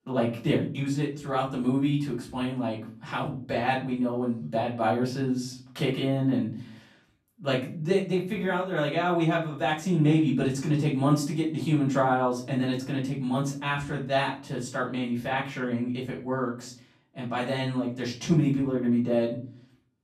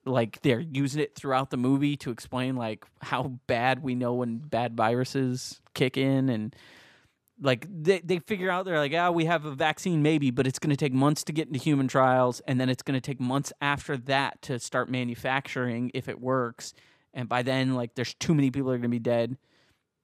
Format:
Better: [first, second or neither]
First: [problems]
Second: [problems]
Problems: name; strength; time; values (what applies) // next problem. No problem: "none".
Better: second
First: off-mic speech; far // room echo; slight; dies away in 0.4 s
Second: none